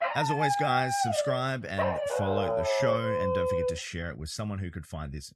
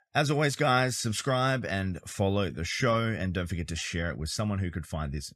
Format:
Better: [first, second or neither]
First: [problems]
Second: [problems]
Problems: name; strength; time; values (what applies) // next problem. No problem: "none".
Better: second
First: dog barking; loud; until 4 s; peak 5 dB above the speech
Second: none